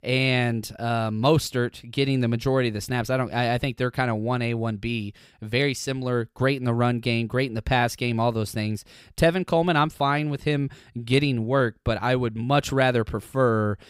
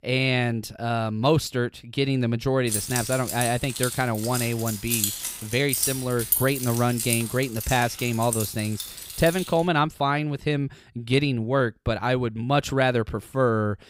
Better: first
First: none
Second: jangling keys; loud; from 2.5 to 9.5 s; peak 2 dB above the speech

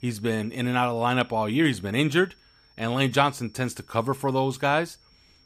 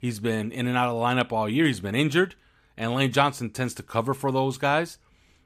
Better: second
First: high-pitched whine; faint; throughout; 5.5 kHz, 30 dB below the speech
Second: none

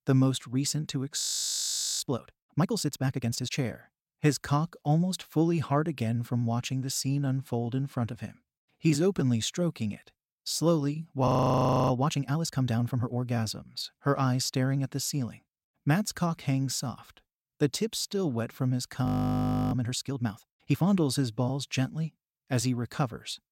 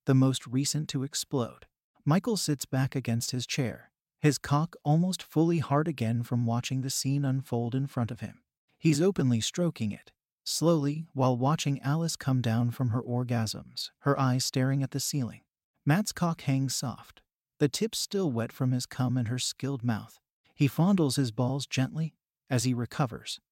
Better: second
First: audio freezing; at 1 s for 1 s, at 11 s for 0.5 s and at 19 s for 0.5 s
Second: none

